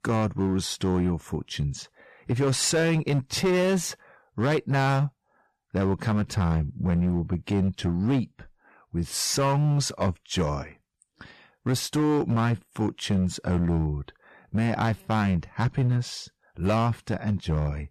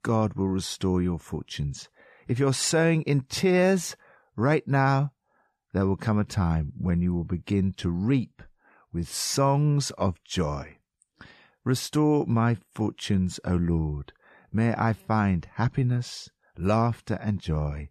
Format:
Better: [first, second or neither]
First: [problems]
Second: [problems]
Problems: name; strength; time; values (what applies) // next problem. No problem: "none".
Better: second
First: distortion; slight; 10% of the sound clipped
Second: none